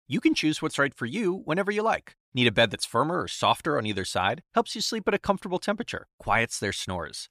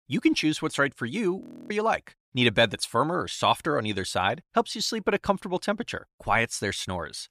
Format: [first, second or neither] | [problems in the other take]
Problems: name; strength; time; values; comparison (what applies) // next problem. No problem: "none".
first | audio freezing; at 1.5 s